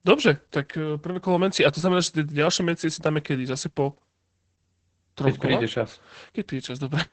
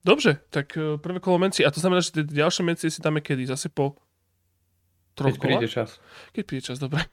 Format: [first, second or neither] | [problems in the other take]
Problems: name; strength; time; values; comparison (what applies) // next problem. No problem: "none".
second | garbled, watery; badly; nothing above 8 kHz